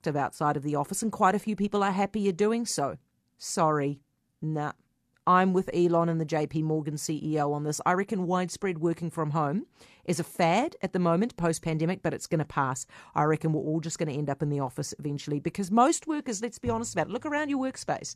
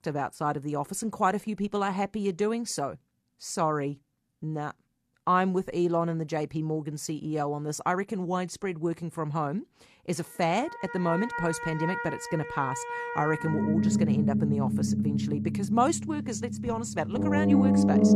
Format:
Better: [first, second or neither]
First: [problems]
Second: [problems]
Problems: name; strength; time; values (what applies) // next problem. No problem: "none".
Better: first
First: none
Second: background music; very loud; from 11 s on; 1 dB above the speech